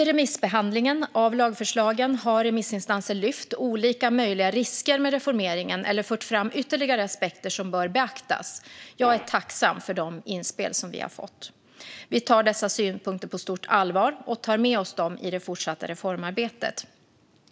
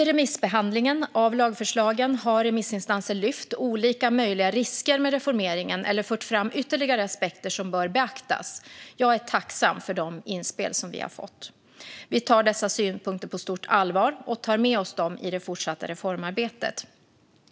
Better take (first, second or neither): second